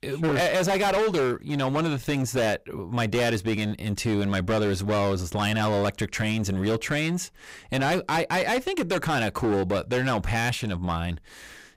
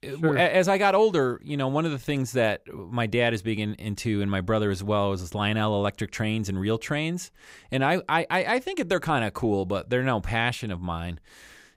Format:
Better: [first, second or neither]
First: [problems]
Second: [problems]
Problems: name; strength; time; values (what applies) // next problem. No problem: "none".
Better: second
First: distortion; heavy; 19% of the sound clipped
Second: none